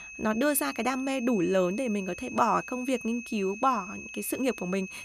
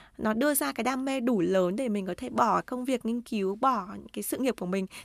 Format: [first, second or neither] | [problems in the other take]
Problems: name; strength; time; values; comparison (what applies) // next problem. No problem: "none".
second | high-pitched whine; noticeable; throughout; 2.5 kHz, 10 dB below the speech